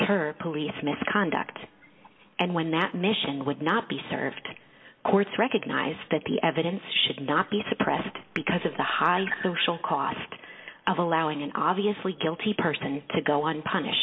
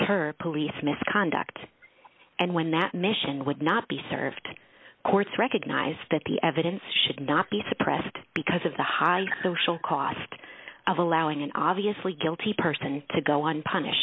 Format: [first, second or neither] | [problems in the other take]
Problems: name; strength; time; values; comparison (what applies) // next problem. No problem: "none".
second | room echo; dies away in 1.2 s